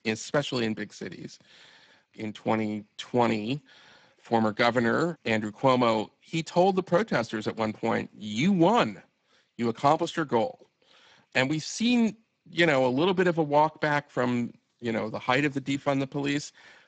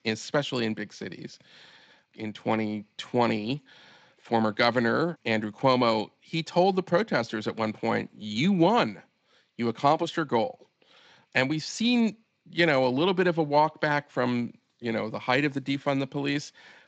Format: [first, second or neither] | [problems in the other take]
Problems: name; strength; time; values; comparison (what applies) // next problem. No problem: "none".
second | garbled, watery; badly; nothing above 7.5 kHz; slightly in the second